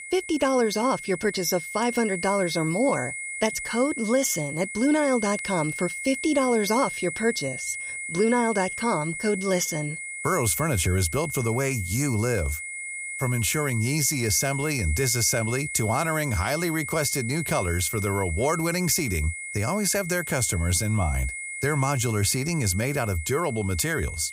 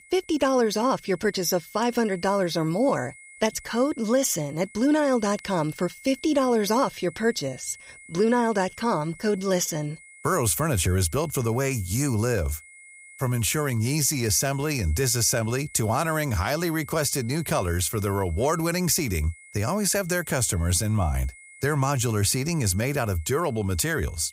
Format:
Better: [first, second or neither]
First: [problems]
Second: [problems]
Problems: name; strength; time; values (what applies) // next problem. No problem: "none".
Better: second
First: high-pitched whine; loud; throughout; 2 kHz, 7 dB below the speech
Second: high-pitched whine; faint; throughout; 2 kHz, 20 dB below the speech